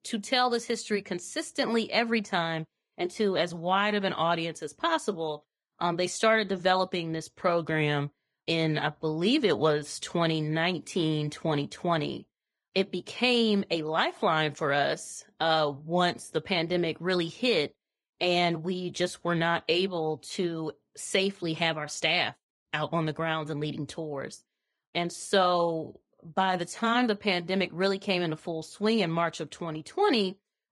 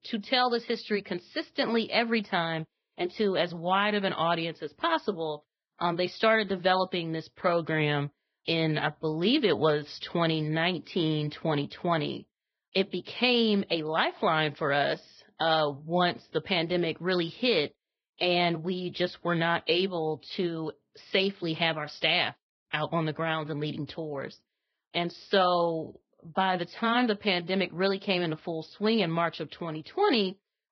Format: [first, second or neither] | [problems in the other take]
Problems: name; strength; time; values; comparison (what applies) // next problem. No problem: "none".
first | garbled, watery; badly; slightly in the first